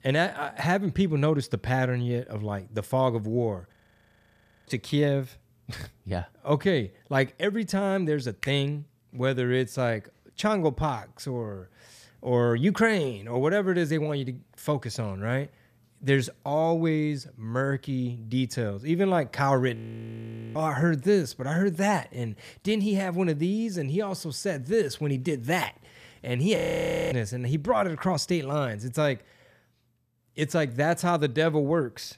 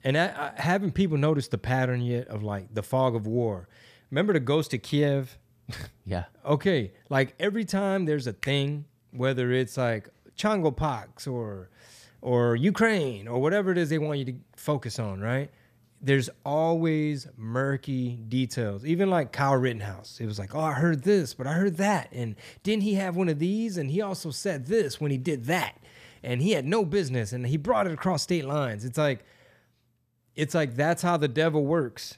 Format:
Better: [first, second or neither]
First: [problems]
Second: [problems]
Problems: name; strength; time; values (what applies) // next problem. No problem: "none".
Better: second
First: audio freezing; at 3.5 s for 1 s, at 20 s for 1 s and at 27 s for 0.5 s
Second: none